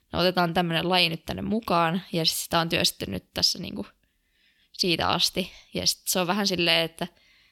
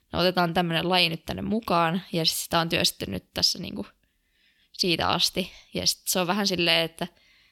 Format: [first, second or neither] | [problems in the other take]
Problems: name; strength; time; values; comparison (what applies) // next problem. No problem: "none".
neither | none